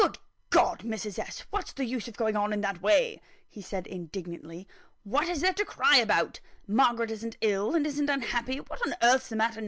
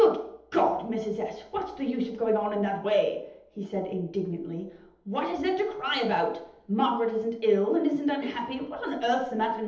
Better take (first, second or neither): first